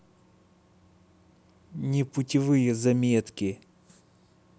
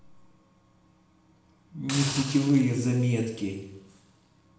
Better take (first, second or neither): first